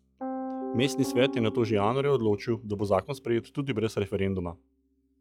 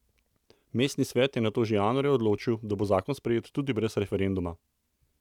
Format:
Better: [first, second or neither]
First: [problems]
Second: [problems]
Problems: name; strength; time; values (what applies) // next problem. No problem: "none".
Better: second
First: noise reduction (classical method log-MMSE)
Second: none